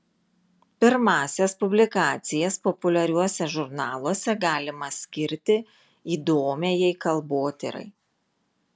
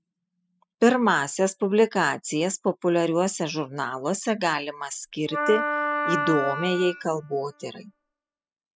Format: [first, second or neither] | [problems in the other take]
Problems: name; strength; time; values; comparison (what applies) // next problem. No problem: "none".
first | noise reduction (classical method spectral subtraction)